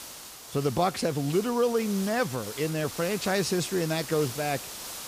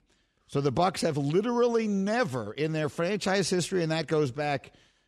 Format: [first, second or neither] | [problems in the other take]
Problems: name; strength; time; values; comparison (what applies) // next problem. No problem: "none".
second | hiss; noticeable; throughout; 10 dB below the speech